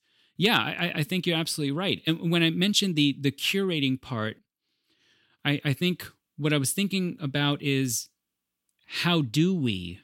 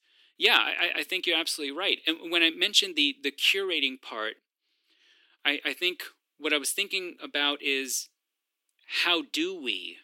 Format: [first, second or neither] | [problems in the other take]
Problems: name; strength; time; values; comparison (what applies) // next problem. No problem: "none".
first | thin; very; fading below 300 Hz